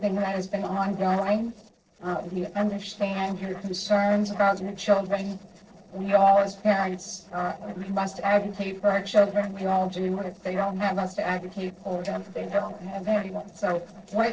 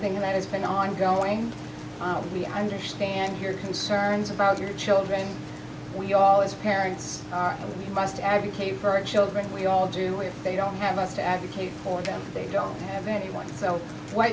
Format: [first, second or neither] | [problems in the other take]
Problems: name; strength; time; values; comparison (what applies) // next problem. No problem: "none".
second | noise reduction (neural separator model SepFormer DNS4)